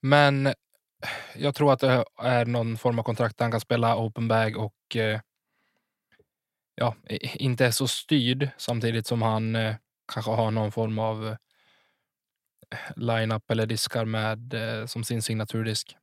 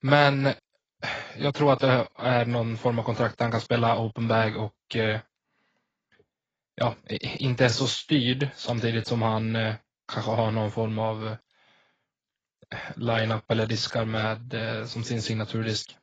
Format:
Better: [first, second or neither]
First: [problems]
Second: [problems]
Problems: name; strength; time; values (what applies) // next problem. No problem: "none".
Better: first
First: none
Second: garbled, watery; badly; nothing above 7.5 kHz